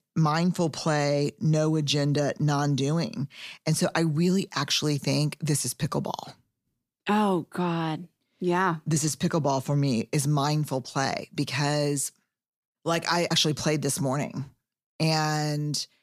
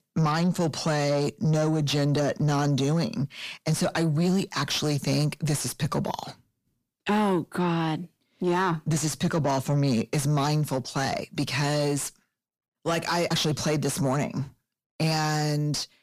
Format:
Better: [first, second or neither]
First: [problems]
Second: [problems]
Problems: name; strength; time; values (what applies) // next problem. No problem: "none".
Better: first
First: none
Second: distortion; slight; 10 dB below the speech